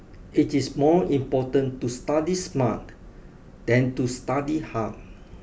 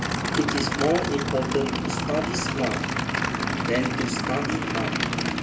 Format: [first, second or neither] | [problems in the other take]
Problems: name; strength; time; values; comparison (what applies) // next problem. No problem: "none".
first | background sound (Idling / Aircraft); 2 dB above the speech // room echo; dies away in 0.2 s